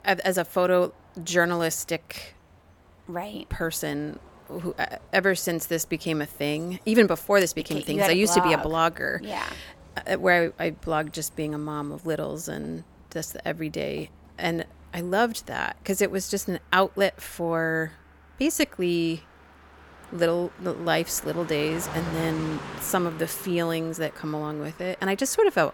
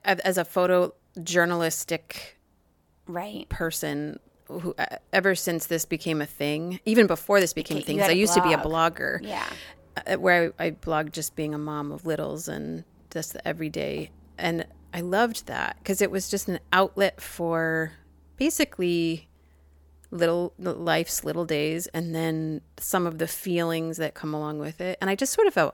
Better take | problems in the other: second | traffic noise; noticeable; throughout; 20 dB below the speech

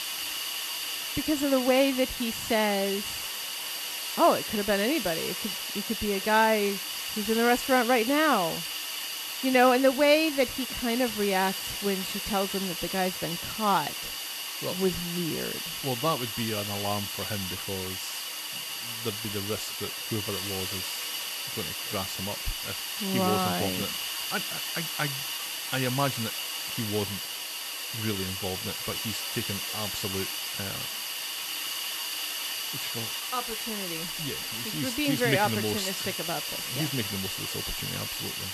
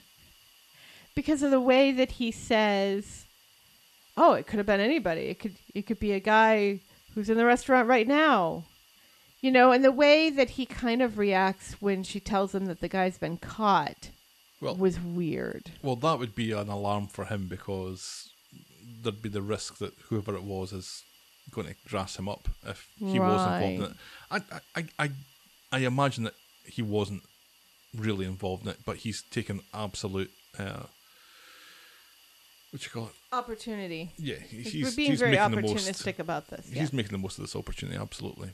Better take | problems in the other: second | hiss; loud; throughout; 2 dB below the speech; faint in the second

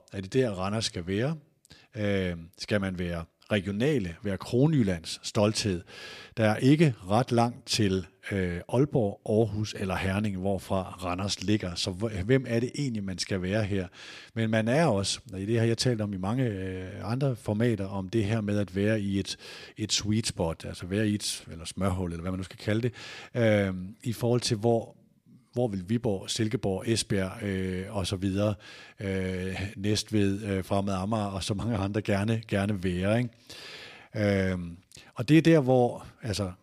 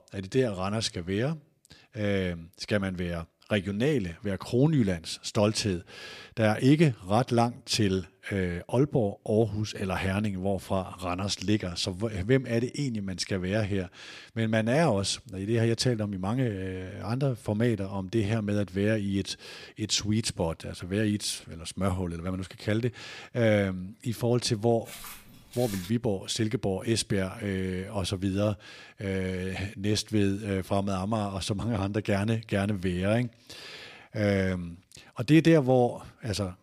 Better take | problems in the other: first | footsteps; faint; from 25 to 26 s; peak 10 dB below the speech

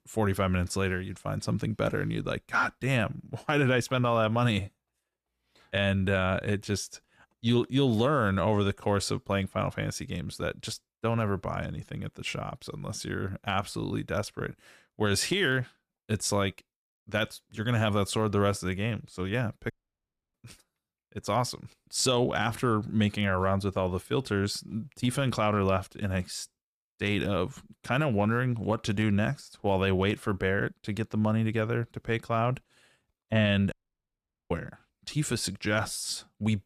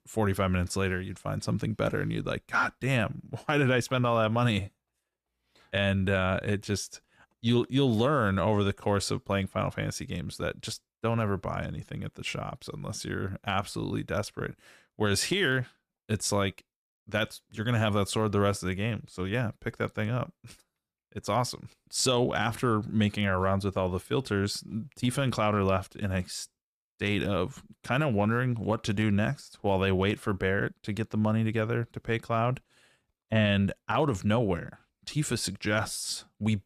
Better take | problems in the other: second | audio cutting out; at 20 s for 0.5 s and at 34 s for 1 s

